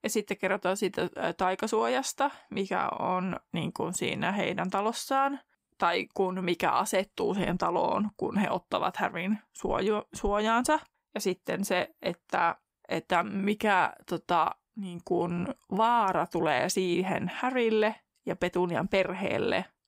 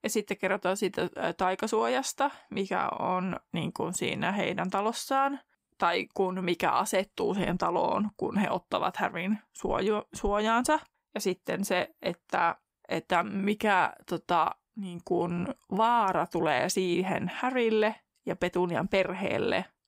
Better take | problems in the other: neither | none

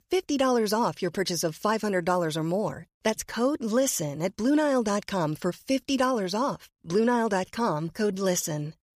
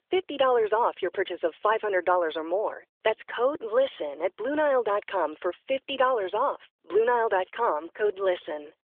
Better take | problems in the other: first | phone-call audio; nothing above 3.5 kHz

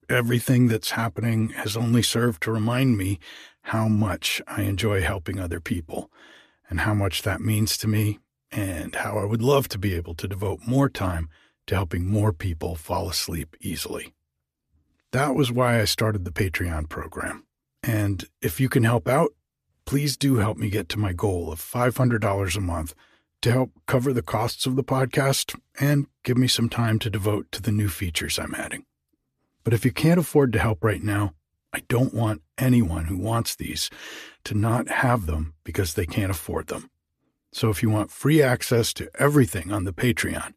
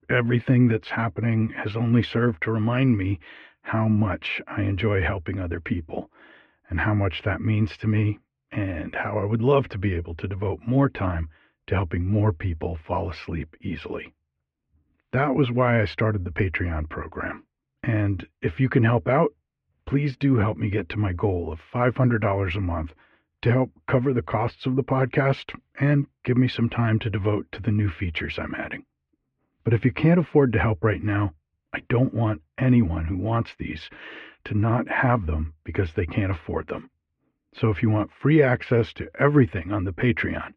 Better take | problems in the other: first | muffled; very; fading above 2.5 kHz

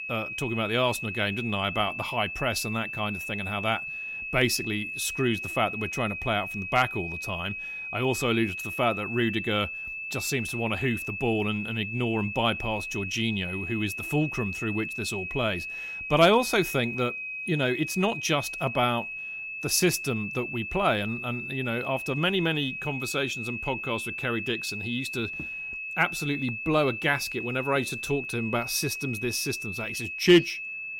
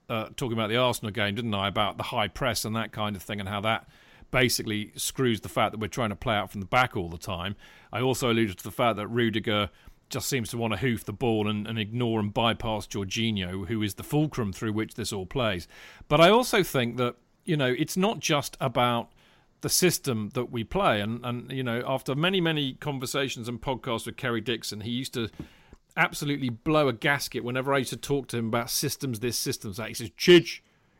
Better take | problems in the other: second | high-pitched whine; loud; throughout; 2.5 kHz, 5 dB below the speech

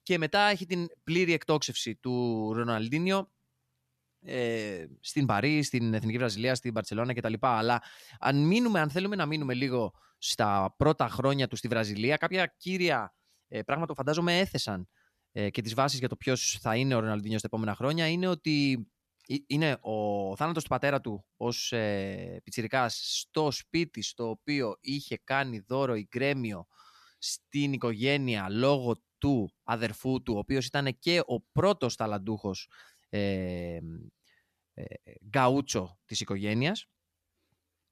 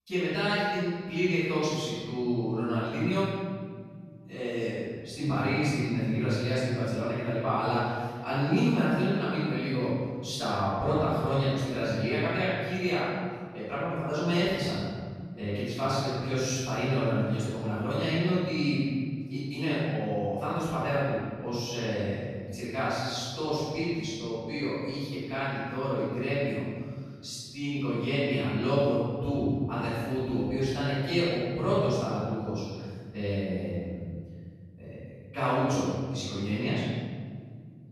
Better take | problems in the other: first | off-mic speech; far // room echo; strong; dies away in 2.1 s

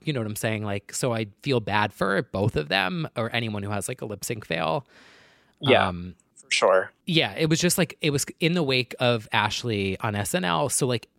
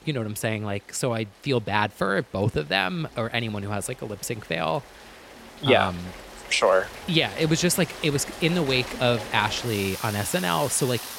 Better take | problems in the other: first | rain or running water; noticeable; throughout; 15 dB below the speech

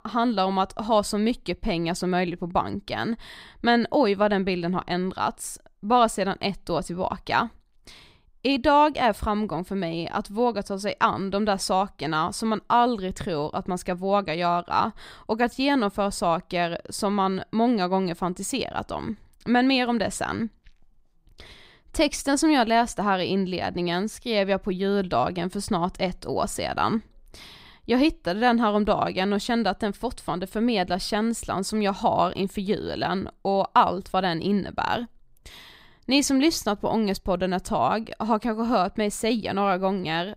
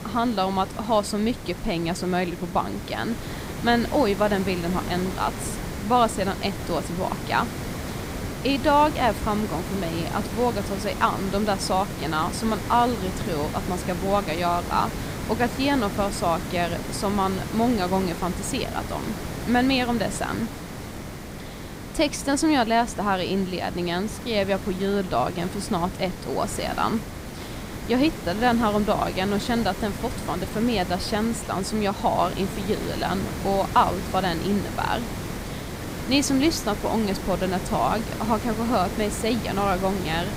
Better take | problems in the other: first | hiss; loud; throughout; 8 dB below the speech

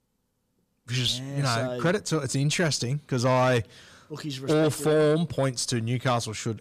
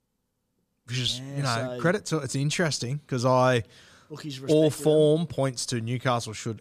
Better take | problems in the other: second | distortion; slight; 10 dB below the speech

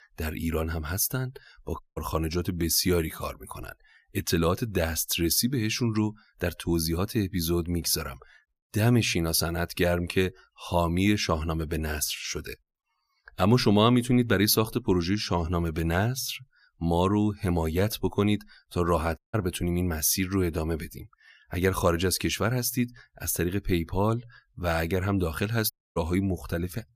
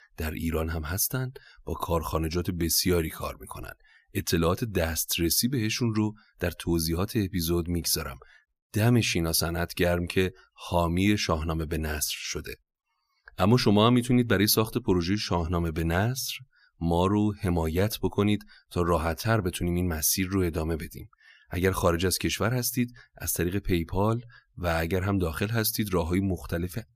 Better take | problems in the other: second | audio cutting out; at 2 s, at 19 s and at 26 s

